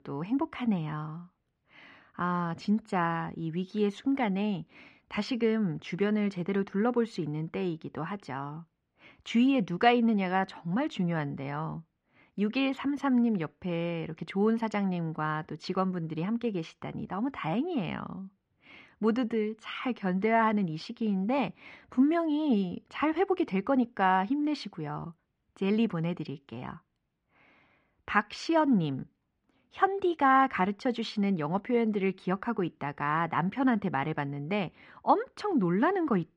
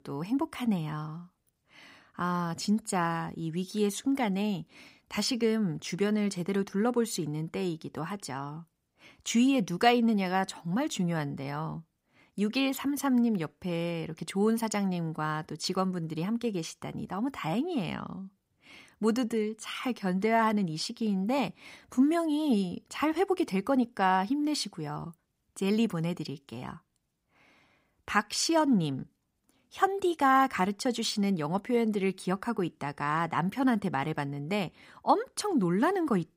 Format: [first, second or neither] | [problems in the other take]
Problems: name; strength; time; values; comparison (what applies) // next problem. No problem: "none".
second | muffled; slightly; fading above 2.5 kHz